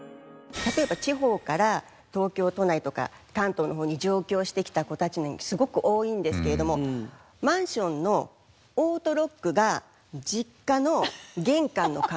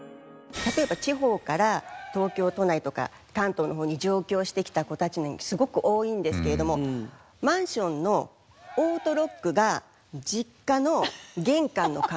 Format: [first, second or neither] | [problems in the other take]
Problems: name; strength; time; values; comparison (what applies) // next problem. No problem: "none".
first | background sound (Cheering); 18 dB below the speech